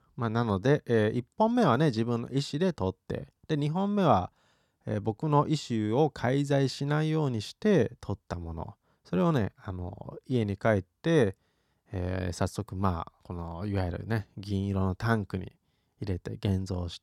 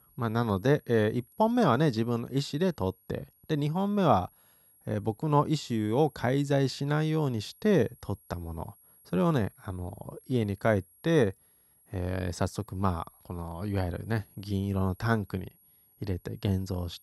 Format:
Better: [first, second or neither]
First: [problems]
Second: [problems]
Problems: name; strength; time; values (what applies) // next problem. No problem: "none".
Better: first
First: none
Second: high-pitched whine; faint; throughout; 11.5 kHz, 30 dB below the speech